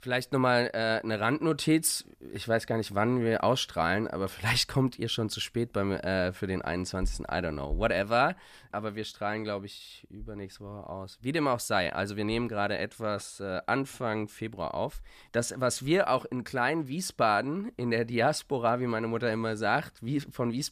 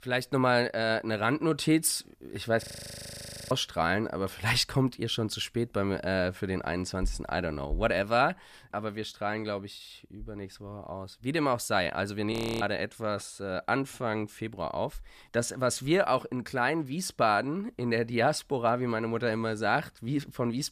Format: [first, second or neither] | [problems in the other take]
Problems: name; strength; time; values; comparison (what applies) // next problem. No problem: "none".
first | audio freezing; at 2.5 s for 1 s and at 12 s